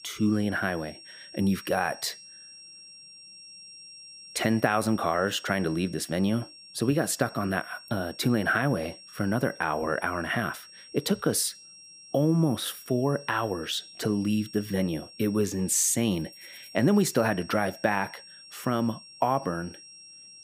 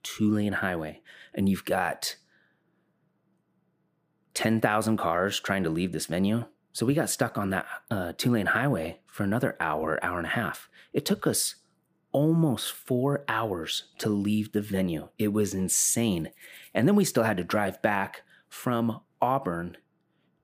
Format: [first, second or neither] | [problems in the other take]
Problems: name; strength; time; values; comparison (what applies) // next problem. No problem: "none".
second | high-pitched whine; noticeable; throughout; 5.5 kHz, 20 dB below the speech